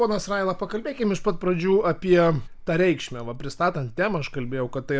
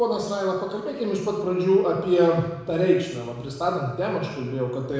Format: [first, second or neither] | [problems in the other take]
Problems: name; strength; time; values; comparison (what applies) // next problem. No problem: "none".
first | room echo; dies away in 1 s